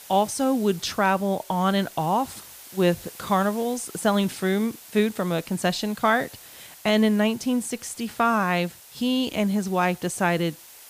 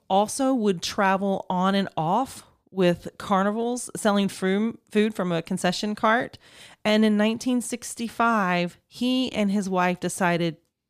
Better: second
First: hiss; noticeable; throughout; 20 dB below the speech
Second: none

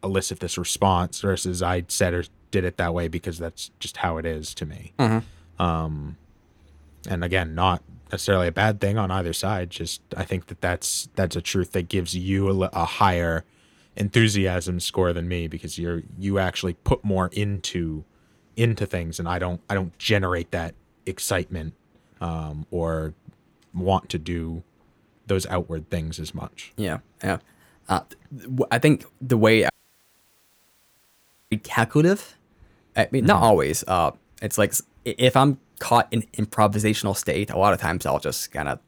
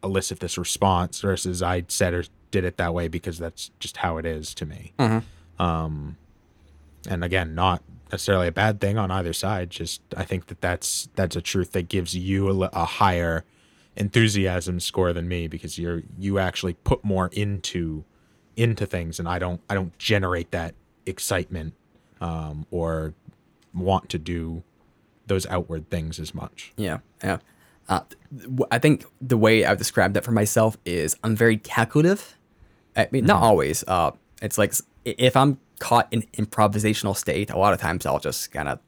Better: second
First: audio cutting out; at 30 s for 2 s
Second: none

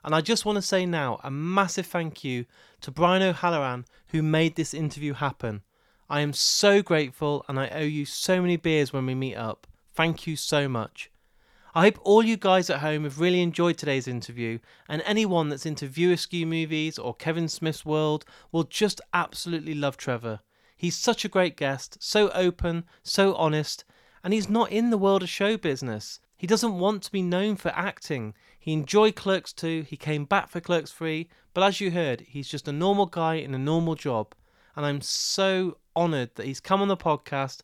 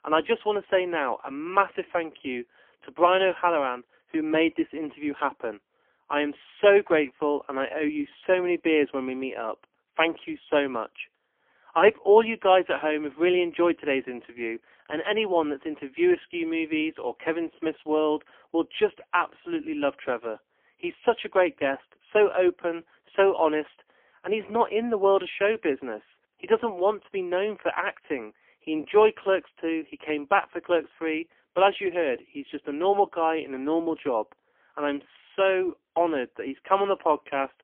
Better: first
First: none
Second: phone-call audio; poor line; nothing above 3.5 kHz

